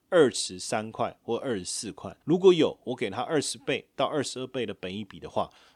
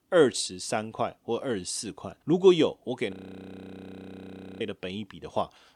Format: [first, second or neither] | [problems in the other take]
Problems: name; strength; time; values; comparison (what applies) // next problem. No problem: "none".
first | audio freezing; at 3 s for 1.5 s